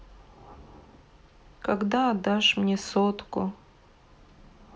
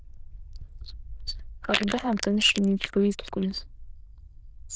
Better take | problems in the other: first | noise reduction (neural diffusion model UNIVERSE++)

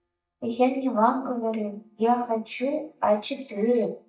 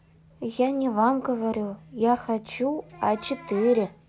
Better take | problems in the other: second | noise reduction (neural mask model DeepFilterNet 3)

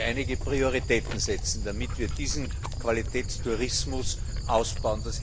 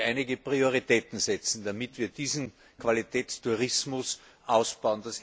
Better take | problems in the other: second | background sound (Dog); 1 dB below the speech

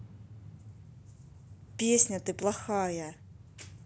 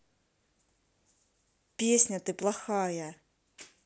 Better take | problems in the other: second | background sound (Train); 16 dB below the speech

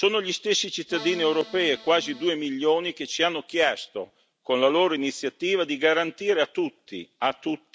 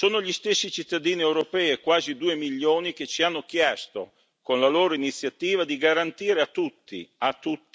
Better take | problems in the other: second | background sound (Accordion); 16 dB below the speech

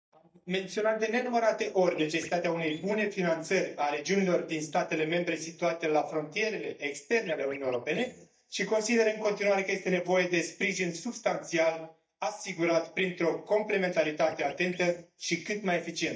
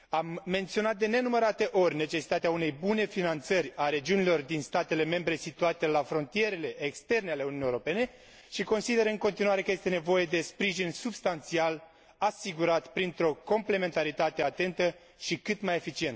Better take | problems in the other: second | noise reduction (neural mask model DeepFilterNet 3)

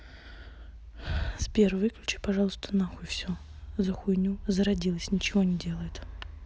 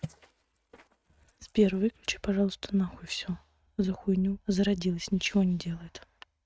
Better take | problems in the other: first | noise reduction (neural mask model RNNoise)

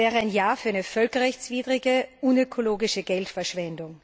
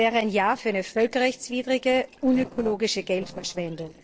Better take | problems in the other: first | noise reduction (neural separator model SepFormer DNS4)

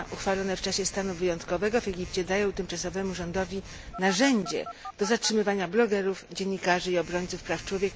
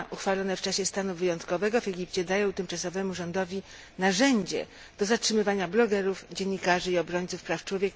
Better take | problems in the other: second | background sound (Telephone); 16 dB below the speech

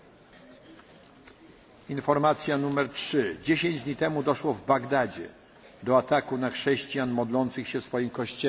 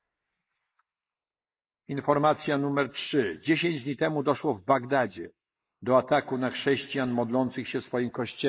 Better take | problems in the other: first | noise reduction (neural mask model Resemble Enhance denoiser)

